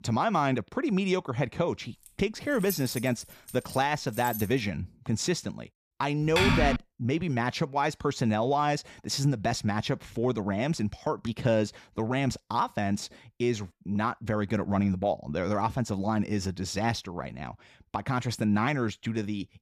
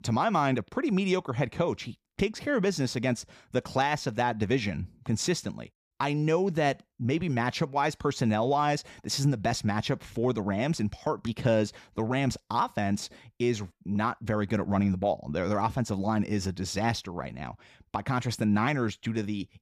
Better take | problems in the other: second | jangling keys; noticeable; from 2 to 4.5 s; peak 7 dB below the speech // keyboard typing; loud; at 6.5 s; peak 5 dB above the speech

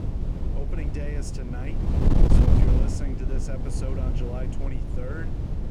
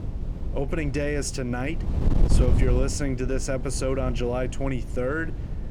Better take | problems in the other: second | wind noise on the microphone; heavy; 4 dB above the speech; occasional gusts in the second

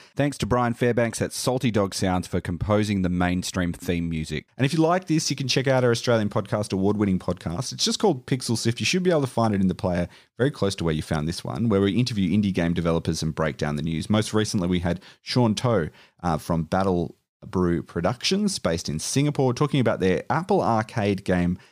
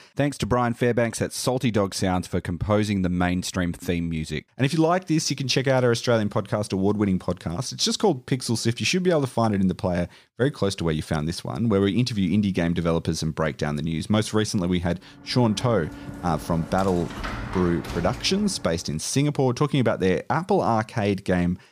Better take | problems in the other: first | door banging; noticeable; from 15 to 19 s; peak 8 dB below the speech

